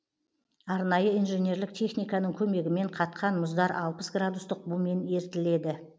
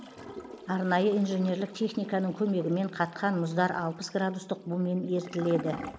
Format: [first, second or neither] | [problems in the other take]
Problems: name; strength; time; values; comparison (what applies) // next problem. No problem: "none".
first | background sound (Toilet flush / Gurgling); 15 dB below the speech